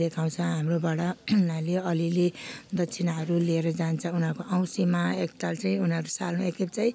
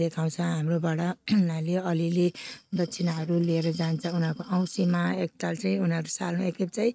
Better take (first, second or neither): first